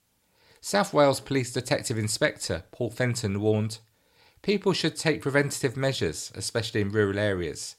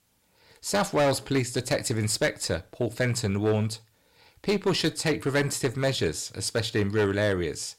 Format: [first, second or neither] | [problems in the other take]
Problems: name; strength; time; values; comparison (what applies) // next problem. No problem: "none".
first | distortion; slight; 6% of the sound clipped